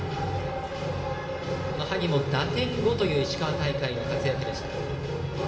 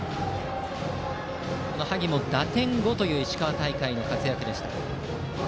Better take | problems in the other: second | room echo; dies away in 2.1 s

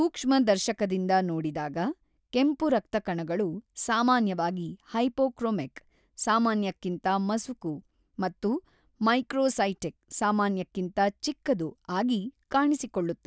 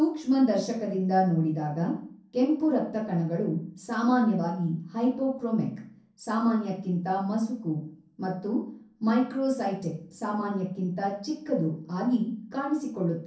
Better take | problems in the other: first | room echo; dies away in 0.5 s

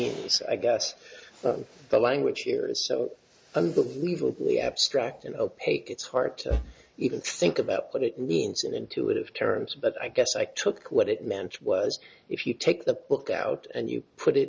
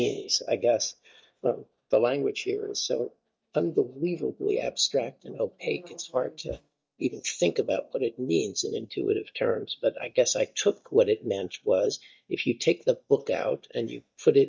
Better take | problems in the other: first | noise reduction (neural mask model DeepFilterNet 3)

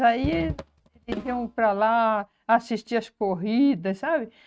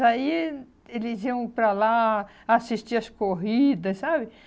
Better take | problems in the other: second | noise reduction (neural mask model RNNoise)

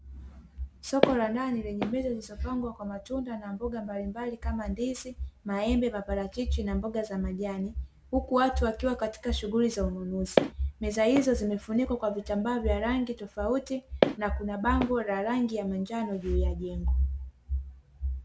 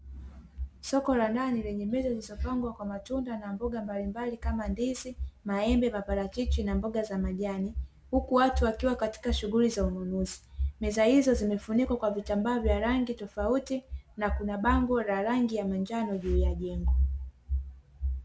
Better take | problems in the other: second | background sound (Walk, footsteps); 4 dB below the speech

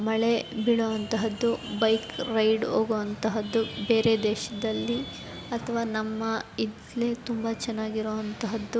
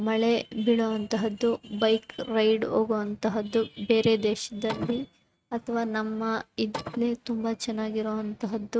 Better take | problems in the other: first | noise reduction (neural mask model RNNoise)

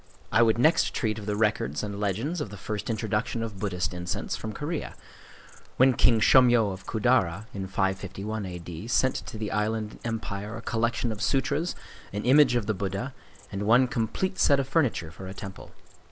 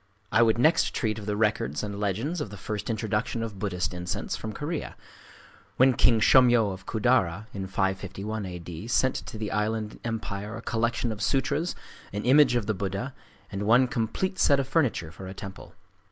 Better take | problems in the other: second | background sound (Insect); 16 dB below the speech

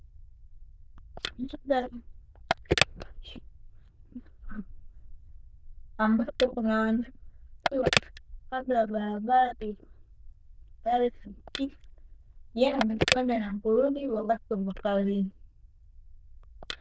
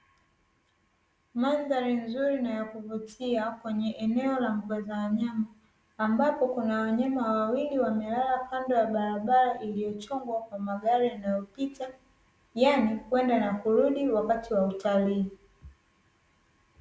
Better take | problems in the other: second | noise reduction (neural diffusion model UNIVERSE++)

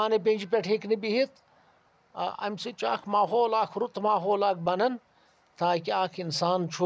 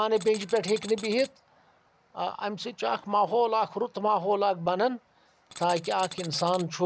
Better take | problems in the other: first | background sound (Tools); 14 dB below the speech

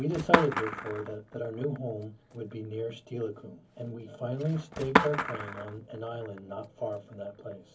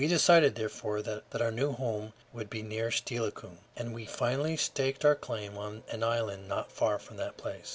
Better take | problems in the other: second | background sound (Skateboard); as loud as the speech // room echo; dies away in 0.3 s

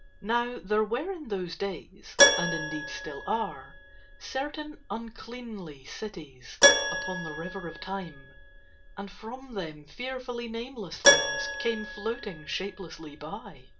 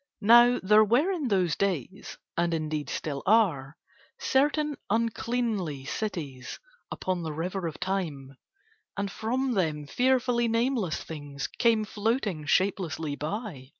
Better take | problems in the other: second | background sound (Keyboard (musical)); 4 dB above the speech // room echo; dies away in 0.2 s

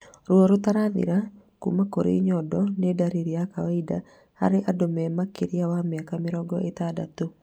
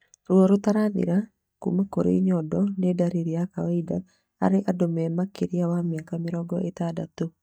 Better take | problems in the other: first | noise reduction (neural mask model DeepFilterNet 3)

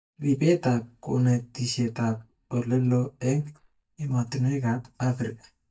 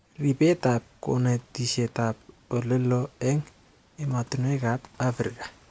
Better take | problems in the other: second | noise reduction (neural mask model DeepFilterNet 3)

